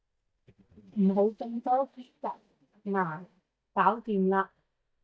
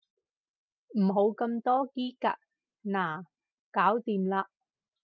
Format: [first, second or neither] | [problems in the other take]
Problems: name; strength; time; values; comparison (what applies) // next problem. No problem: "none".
second | noise reduction (neural mask model DeepFilterNet 3)